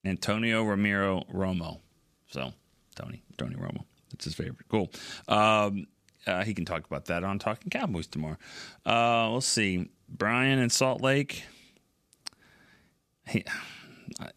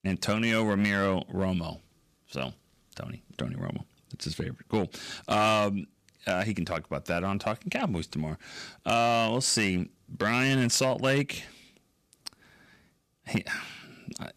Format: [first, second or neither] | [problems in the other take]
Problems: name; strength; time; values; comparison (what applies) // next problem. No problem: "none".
first | distortion; slight; 3% of the sound clipped